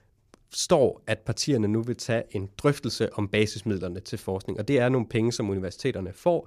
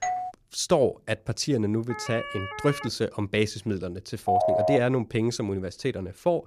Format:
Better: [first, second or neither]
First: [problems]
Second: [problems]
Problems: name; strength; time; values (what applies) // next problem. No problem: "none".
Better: first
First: none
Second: doorbell; noticeable; at the start; peak 2 dB below the speech // siren; noticeable; at 2 s; peak 7 dB below the speech // phone ringing; loud; at 4.5 s; peak 5 dB above the speech